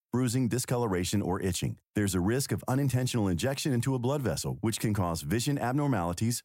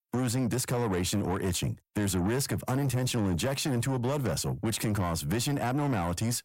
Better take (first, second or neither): first